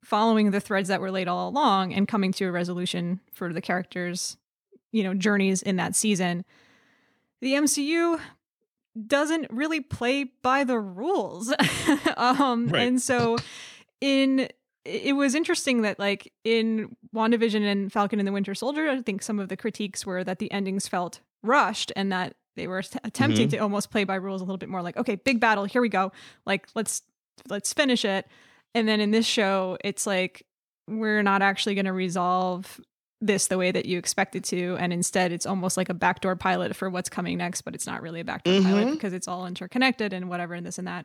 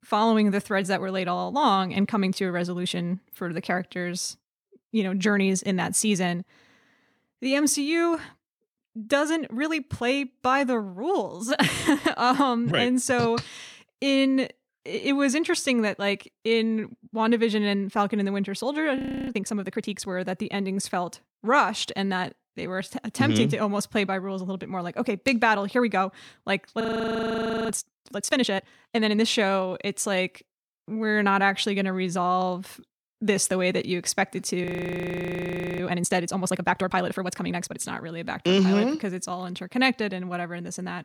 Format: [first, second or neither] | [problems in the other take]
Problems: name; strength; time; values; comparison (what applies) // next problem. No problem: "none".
first | audio freezing; at 19 s, at 27 s for 1 s and at 35 s for 1 s